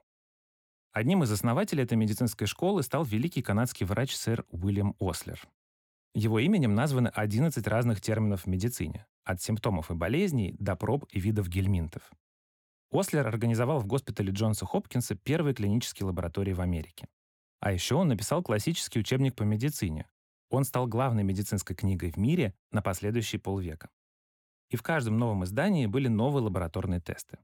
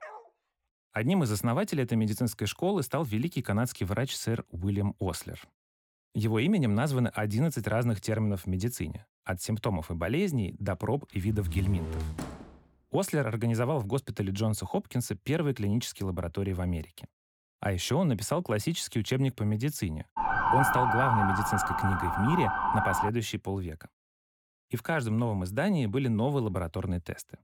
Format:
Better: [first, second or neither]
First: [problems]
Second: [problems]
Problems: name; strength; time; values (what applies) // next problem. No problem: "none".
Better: first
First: none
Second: dog barking; faint; at the start; peak 15 dB below the speech // door banging; noticeable; from 11 to 13 s; peak 5 dB below the speech // siren; loud; from 20 to 23 s; peak 5 dB above the speech